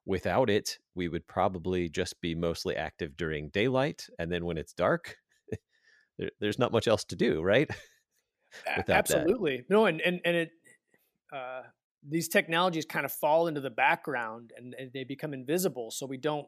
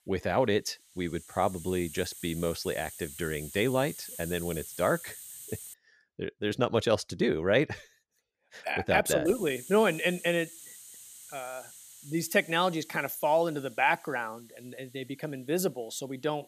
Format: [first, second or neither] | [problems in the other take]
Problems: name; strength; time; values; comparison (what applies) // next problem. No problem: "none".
first | hiss; noticeable; until 5.5 s and from 9.5 s on; 15 dB below the speech